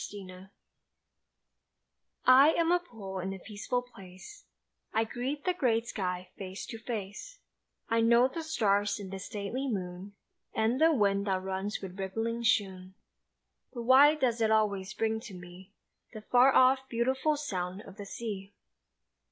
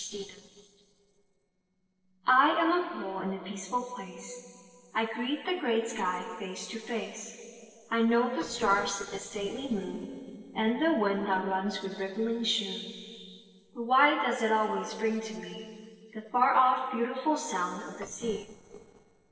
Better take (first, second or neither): first